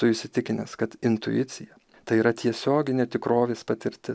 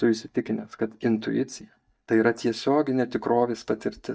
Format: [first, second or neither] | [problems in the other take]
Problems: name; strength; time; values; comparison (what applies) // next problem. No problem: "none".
first | noise reduction (neural mask model DeepFilterNet 3)